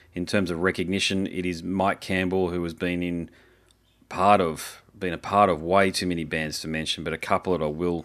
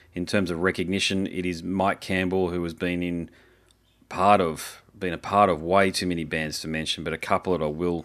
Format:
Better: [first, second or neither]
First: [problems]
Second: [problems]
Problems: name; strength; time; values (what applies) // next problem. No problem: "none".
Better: neither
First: none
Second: none